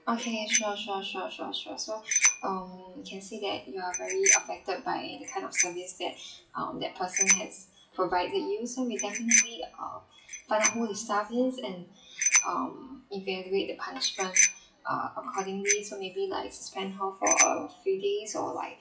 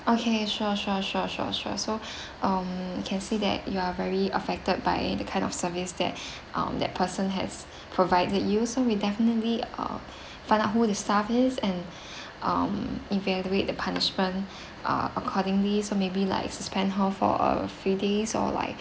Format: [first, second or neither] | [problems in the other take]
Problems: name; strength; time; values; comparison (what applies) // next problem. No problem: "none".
second | noise reduction (classical method WPE with log-MMSE)